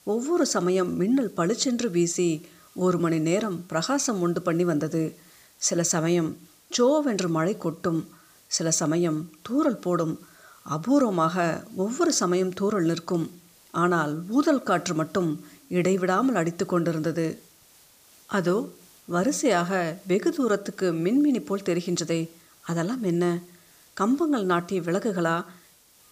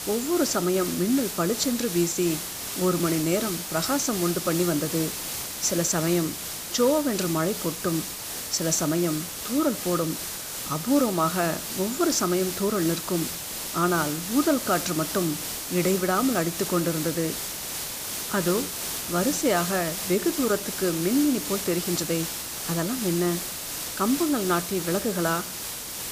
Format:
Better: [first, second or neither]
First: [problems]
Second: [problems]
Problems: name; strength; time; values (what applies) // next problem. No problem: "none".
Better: first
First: hiss; faint; throughout; 30 dB below the speech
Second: hiss; loud; throughout; 4 dB below the speech